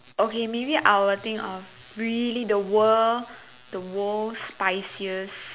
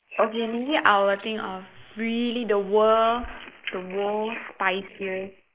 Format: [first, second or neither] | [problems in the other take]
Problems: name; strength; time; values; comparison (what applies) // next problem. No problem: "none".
first | noise reduction (neural mask model Resemble Enhance denoiser)